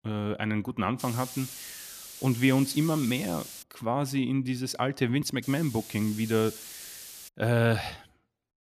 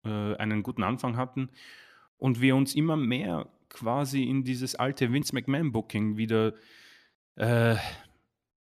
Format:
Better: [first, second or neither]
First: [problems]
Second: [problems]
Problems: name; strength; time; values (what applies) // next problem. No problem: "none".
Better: second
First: hiss; noticeable; from 1 to 3.5 s and from 5.5 to 7.5 s; 10 dB below the speech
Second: none